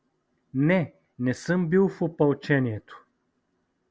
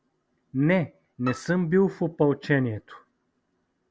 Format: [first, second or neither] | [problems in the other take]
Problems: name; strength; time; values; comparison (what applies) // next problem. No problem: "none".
first | background sound (Bowed string instrument); 16 dB below the speech